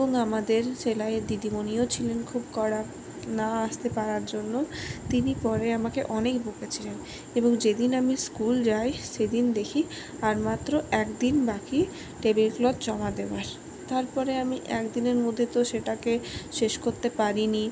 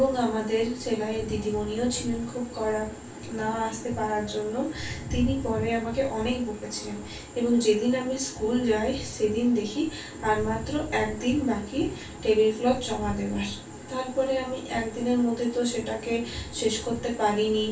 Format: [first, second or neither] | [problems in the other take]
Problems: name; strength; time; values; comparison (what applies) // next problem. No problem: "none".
first | room echo; dies away in 0.3 s